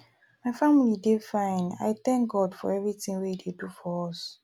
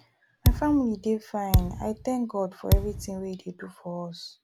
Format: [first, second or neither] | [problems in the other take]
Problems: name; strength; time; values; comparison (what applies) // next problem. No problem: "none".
first | background sound (Thump, thud); 3 dB above the speech